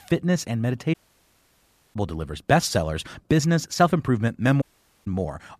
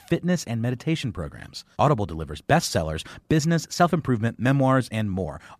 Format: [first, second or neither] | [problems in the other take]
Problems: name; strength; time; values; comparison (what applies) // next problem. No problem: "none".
second | audio cutting out; at 1 s for 1 s and at 4.5 s